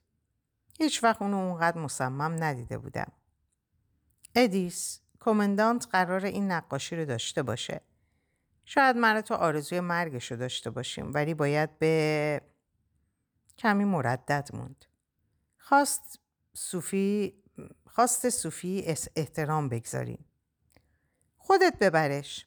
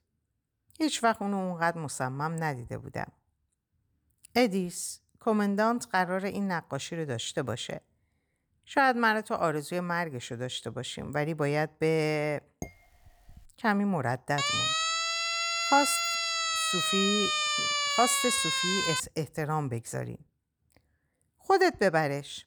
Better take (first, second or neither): first